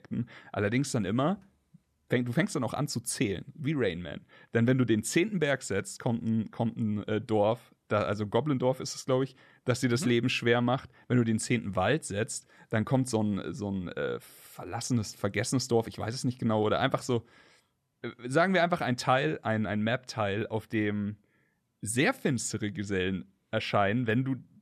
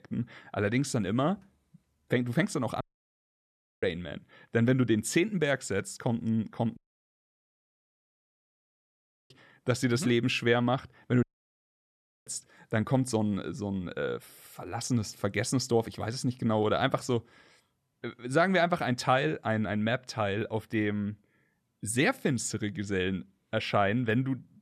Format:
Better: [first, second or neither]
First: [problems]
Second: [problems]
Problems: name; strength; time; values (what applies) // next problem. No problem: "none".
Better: first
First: none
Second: audio cutting out; at 3 s for 1 s, at 7 s for 2.5 s and at 11 s for 1 s